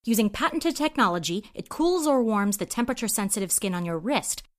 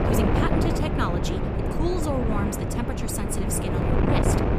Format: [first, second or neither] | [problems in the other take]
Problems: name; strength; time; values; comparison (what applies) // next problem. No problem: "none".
first | wind noise on the microphone; heavy; 2 dB above the speech